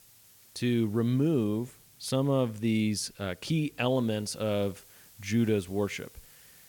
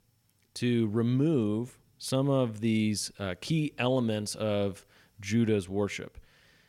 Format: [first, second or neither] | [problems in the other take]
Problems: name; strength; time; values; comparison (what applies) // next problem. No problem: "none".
second | hiss; faint; throughout; 25 dB below the speech